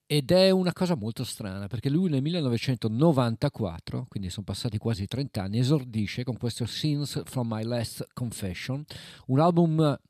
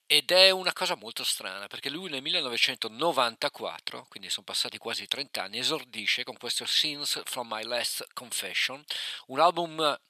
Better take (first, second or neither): first